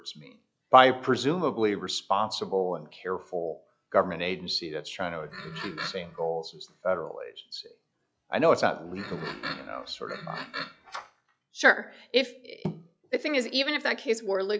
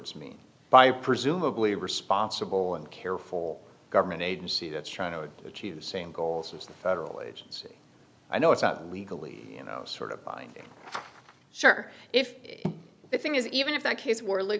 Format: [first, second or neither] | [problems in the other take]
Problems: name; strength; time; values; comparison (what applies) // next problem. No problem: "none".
second | noise reduction (classical method log-MMSE)